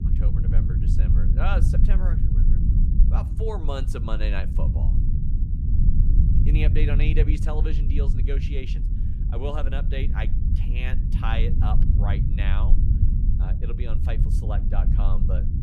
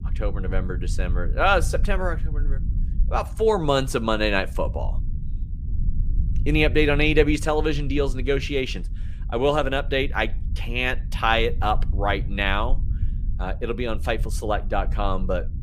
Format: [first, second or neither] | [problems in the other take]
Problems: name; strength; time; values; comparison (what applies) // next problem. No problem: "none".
second | low rumble; loud; throughout; 4 dB below the speech; faint in the second